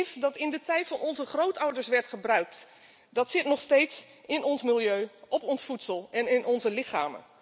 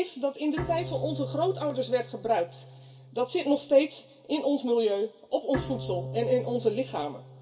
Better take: first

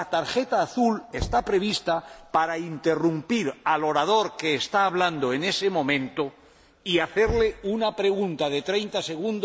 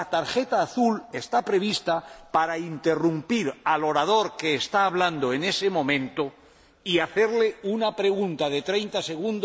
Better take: second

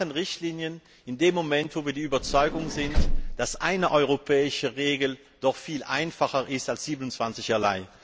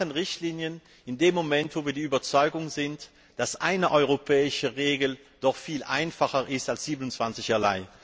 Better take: second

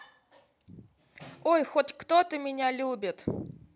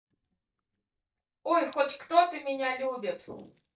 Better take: first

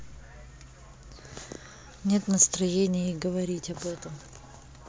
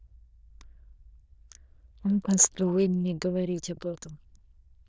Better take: first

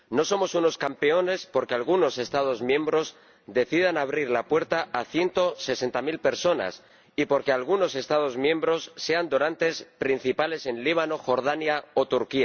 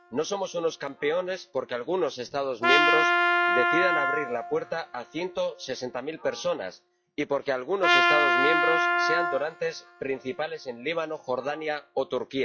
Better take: first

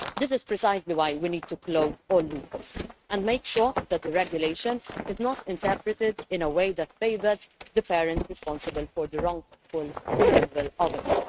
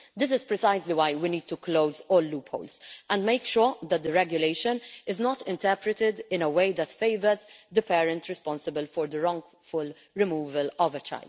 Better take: second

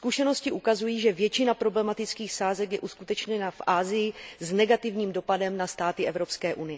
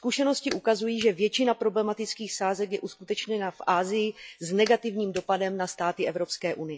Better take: first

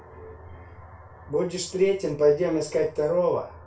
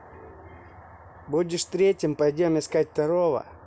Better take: second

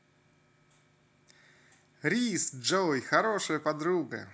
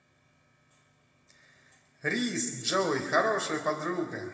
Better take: first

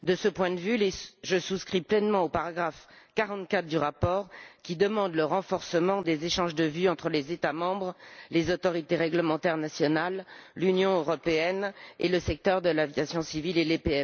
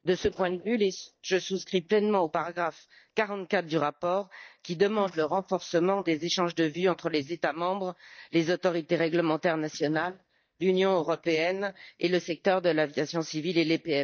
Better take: first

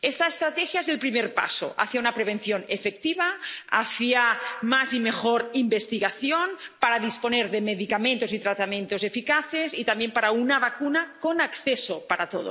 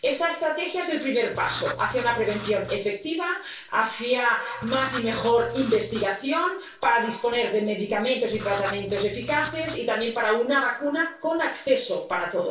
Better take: first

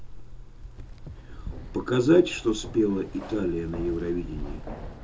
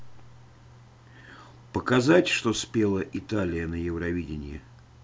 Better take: second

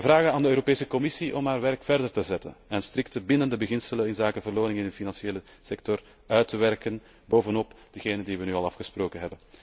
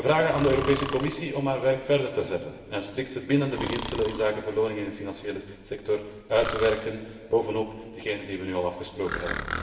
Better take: first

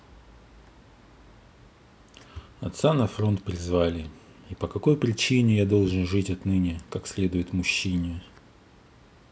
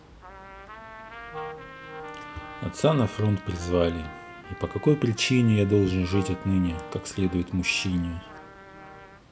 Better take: first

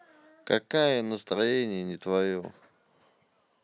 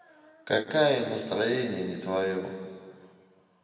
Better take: first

